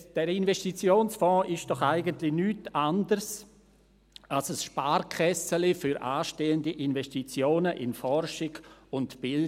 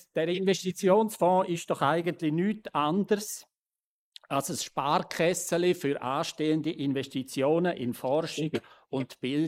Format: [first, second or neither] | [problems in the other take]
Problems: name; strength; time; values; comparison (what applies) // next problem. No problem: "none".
first | noise reduction (neural mask model Resemble Enhance denoiser)